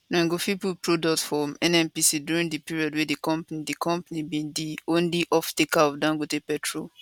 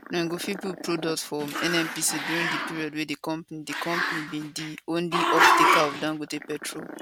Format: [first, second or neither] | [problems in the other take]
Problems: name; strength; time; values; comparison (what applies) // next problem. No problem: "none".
first | background sound (Growling); 2 dB above the speech